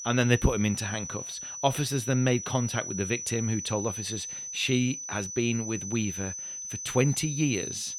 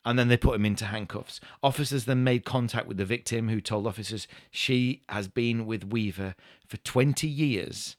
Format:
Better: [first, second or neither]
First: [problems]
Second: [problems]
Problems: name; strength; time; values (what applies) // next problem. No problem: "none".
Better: second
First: high-pitched whine; loud; throughout; 6 kHz, 6 dB below the speech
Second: none